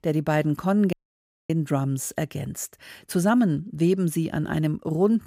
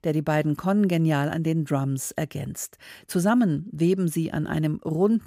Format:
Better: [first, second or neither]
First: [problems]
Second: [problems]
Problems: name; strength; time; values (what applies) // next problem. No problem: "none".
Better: second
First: audio cutting out; at 1 s for 0.5 s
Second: none